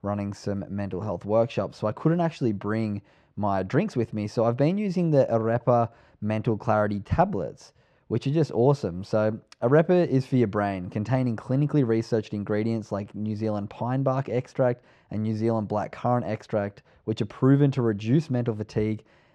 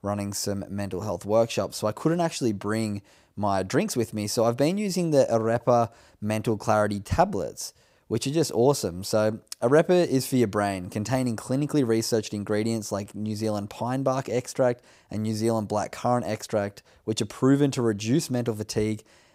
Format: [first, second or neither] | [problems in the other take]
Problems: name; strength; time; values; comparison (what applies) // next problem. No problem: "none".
second | muffled; slightly; fading above 2.5 kHz